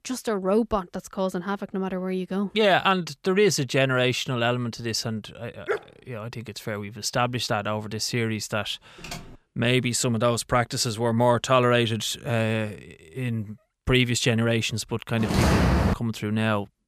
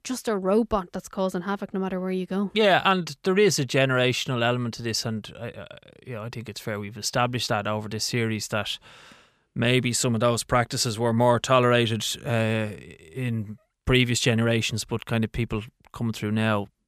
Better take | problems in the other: second | dog barking; noticeable; at 5.5 s; peak 6 dB below the speech // keyboard typing; faint; at 9 s; peak 15 dB below the speech // footsteps; loud; at 15 s; peak 4 dB above the speech

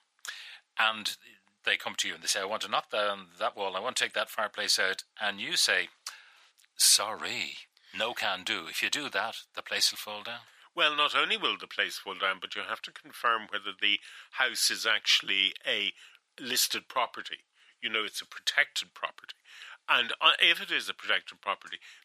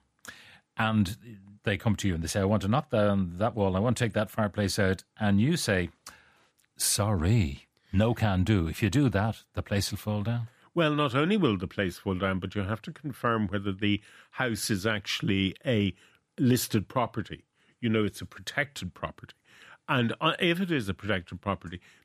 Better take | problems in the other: second | thin; very; fading below 800 Hz

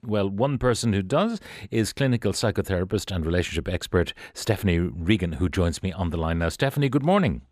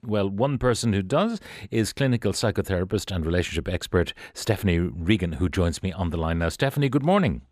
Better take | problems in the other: neither | none

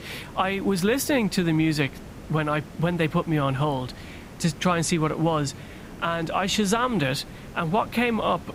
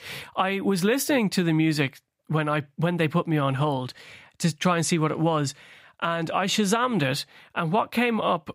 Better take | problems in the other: second | hiss; noticeable; throughout; 15 dB below the speech

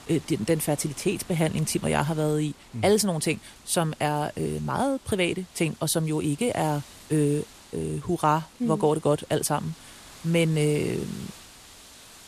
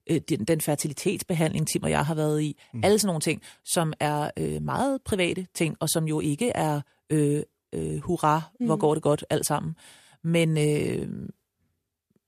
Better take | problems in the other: second | wind noise on the microphone; occasional gusts; 20 dB below the speech

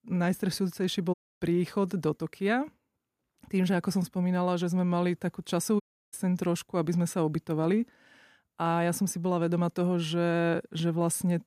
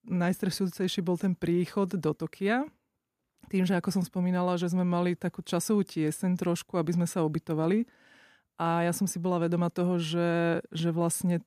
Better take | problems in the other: second | audio cutting out; at 1 s and at 6 s

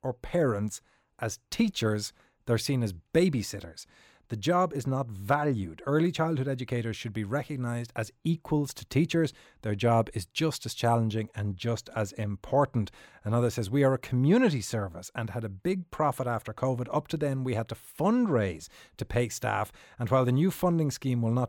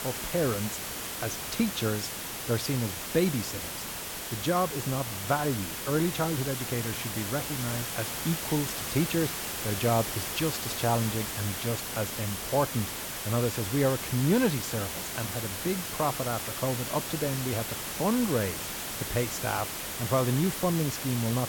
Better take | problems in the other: first | hiss; loud; throughout; 3 dB below the speech

